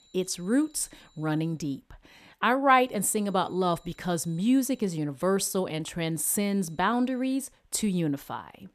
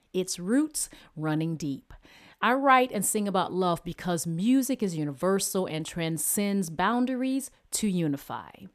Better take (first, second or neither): second